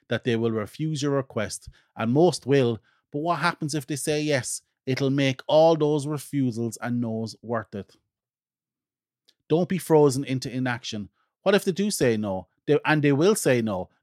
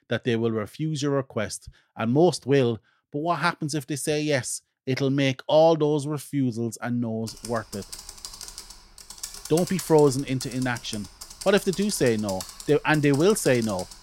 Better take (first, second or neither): first